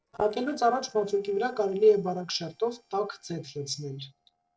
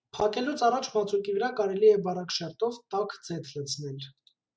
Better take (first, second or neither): second